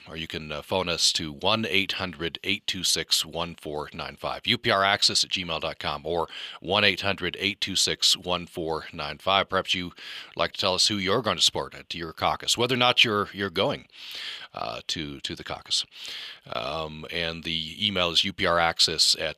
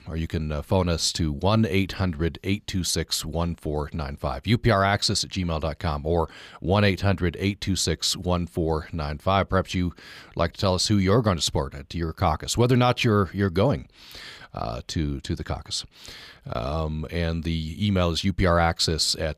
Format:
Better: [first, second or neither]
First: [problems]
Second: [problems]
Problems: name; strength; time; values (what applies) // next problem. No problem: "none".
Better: second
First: thin; somewhat; fading below 550 Hz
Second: none